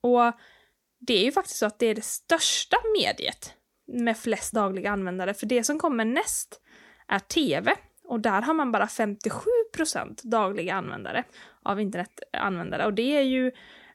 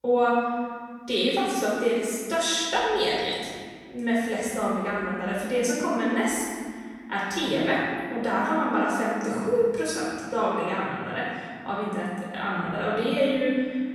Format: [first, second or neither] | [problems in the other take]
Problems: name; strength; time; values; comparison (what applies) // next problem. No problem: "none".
first | off-mic speech; far // room echo; strong; dies away in 1.9 s